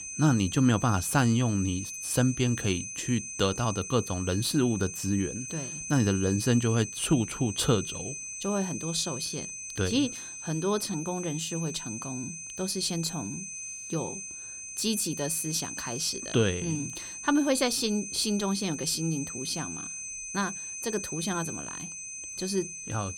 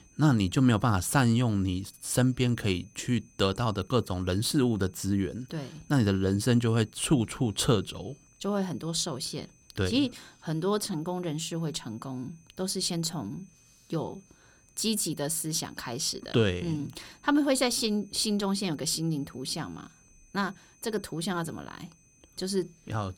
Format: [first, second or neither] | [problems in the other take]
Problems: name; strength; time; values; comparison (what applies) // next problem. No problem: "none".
second | high-pitched whine; loud; throughout; 6 kHz, 7 dB below the speech; faint in the second